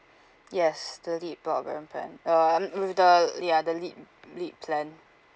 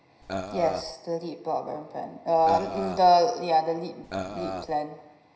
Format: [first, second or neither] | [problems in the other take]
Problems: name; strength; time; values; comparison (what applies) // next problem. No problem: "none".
first | background sound (Burping, eructation); 8 dB below the speech // room echo; dies away in 0.9 s